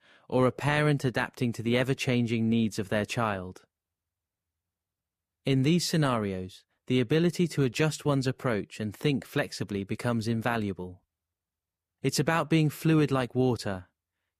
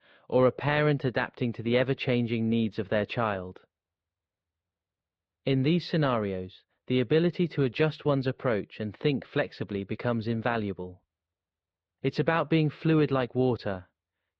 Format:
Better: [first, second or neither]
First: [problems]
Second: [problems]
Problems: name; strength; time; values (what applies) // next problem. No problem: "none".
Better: first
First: none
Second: muffled; slightly; fading above 4 kHz